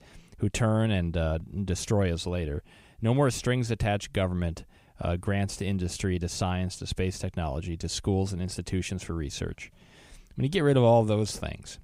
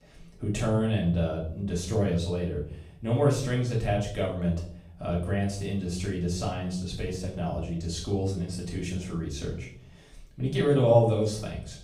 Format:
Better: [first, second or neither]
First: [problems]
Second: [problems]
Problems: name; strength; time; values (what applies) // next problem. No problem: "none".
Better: first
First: none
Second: off-mic speech; far // room echo; noticeable; dies away in 0.5 s